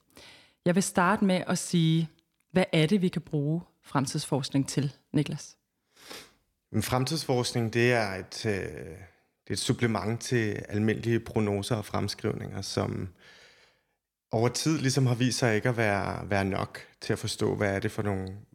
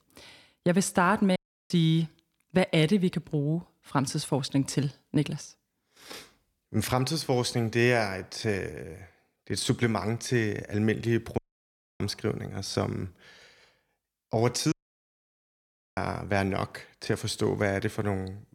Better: first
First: none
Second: audio cutting out; at 1.5 s, at 11 s for 0.5 s and at 15 s for 1.5 s

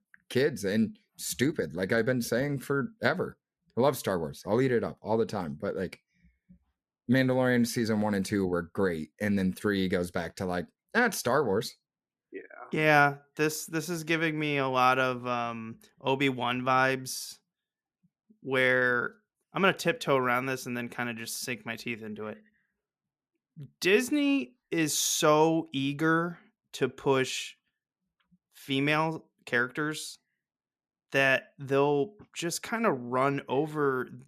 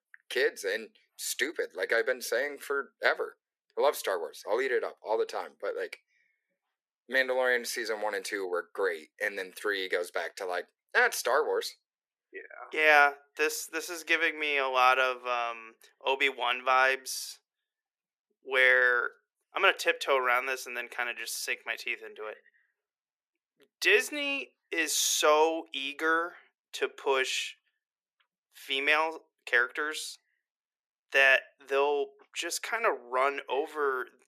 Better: first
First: none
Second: thin; very; fading below 400 Hz

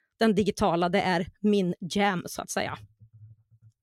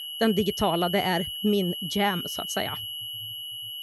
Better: first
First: none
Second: high-pitched whine; loud; throughout; 3 kHz, 5 dB below the speech

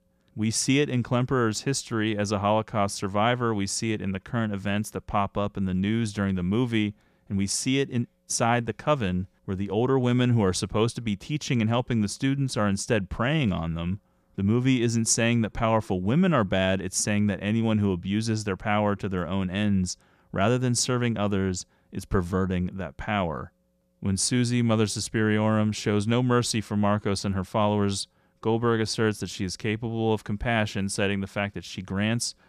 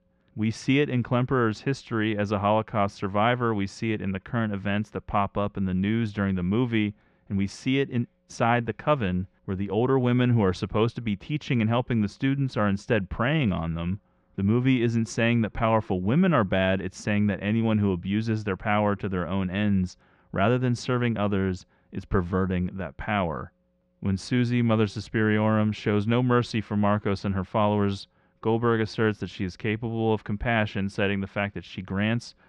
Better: first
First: none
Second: muffled; slightly; fading above 2.5 kHz

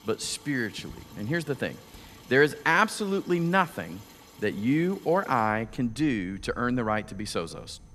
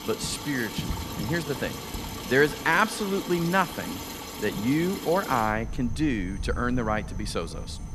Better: first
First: rain or running water; faint; throughout; 20 dB below the speech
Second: rain or running water; loud; throughout; 8 dB below the speech

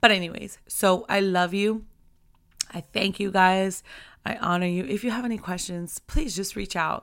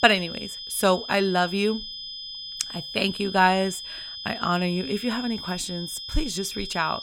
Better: first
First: none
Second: high-pitched whine; loud; throughout; 5 kHz, 8 dB below the speech

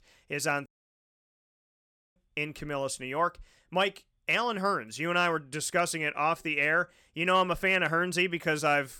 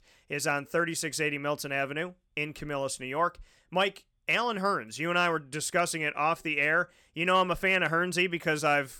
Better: second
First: audio cutting out; at 0.5 s for 1.5 s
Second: none

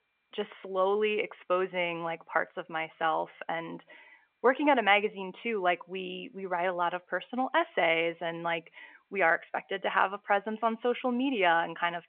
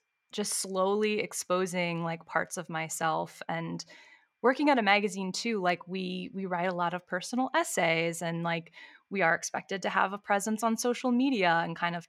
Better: second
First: phone-call audio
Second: none

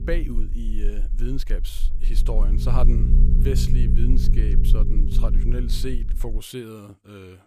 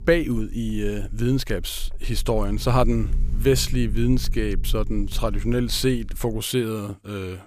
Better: second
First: low rumble; loud; until 6.5 s; 3 dB below the speech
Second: low rumble; faint; until 6.5 s; 20 dB below the speech

